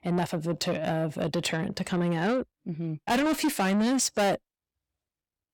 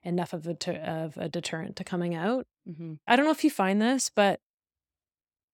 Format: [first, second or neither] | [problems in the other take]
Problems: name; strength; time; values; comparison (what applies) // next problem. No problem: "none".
second | distortion; heavy; 6 dB below the speech